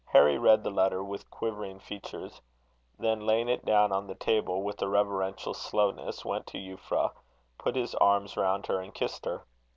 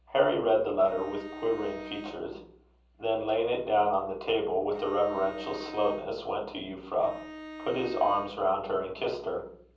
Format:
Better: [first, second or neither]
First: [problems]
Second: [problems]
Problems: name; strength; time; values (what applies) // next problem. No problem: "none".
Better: first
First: none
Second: background sound (Bowed string instrument); 14 dB below the speech // room echo; dies away in 0.6 s